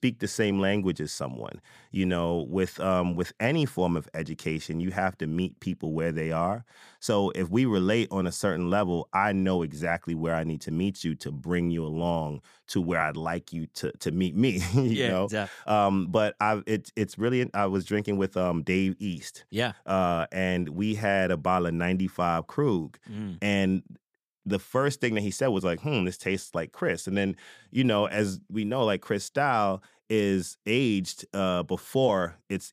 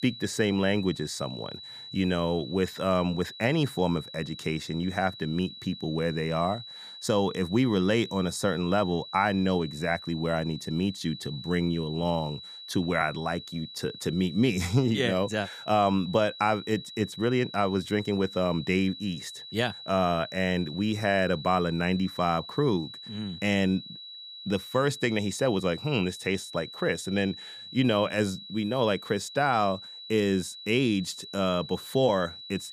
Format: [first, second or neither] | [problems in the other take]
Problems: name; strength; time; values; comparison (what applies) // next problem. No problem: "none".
first | high-pitched whine; noticeable; throughout; 4 kHz, 15 dB below the speech